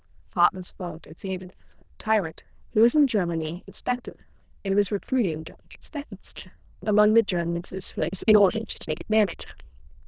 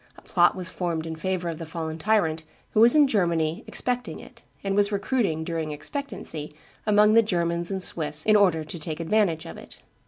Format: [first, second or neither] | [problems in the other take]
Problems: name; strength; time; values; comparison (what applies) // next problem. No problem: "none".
second | noise reduction (neural diffusion model UNIVERSE++)